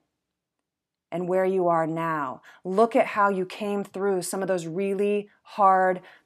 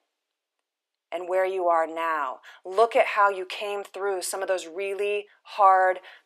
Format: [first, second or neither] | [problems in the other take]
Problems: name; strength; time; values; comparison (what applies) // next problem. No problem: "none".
first | thin; very; fading below 400 Hz